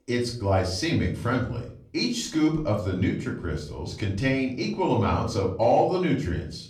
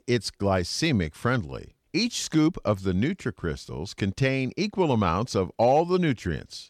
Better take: second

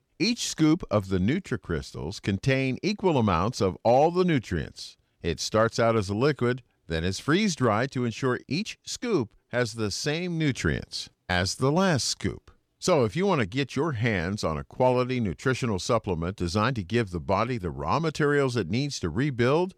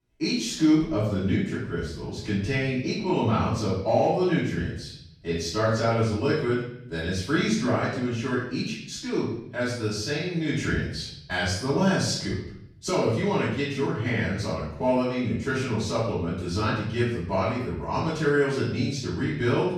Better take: first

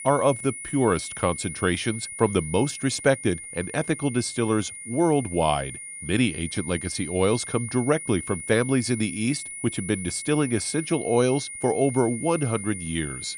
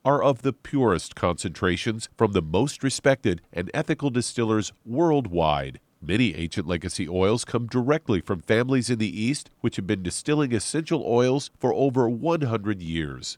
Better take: second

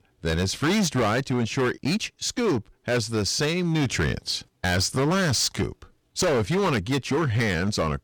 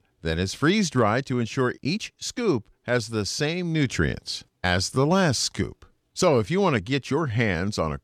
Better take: second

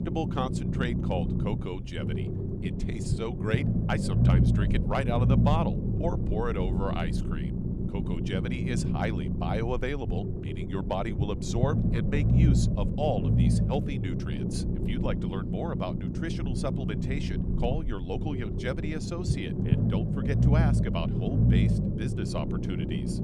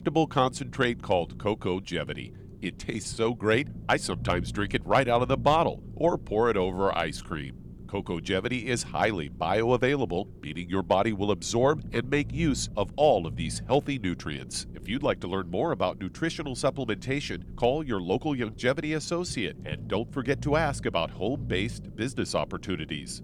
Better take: second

